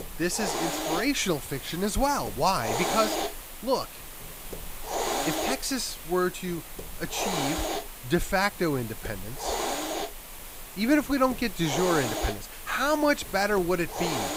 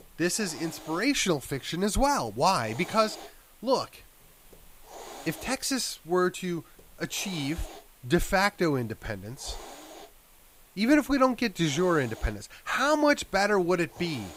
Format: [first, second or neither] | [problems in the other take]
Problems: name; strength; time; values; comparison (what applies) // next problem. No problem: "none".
second | hiss; loud; throughout; 6 dB below the speech; faint in the second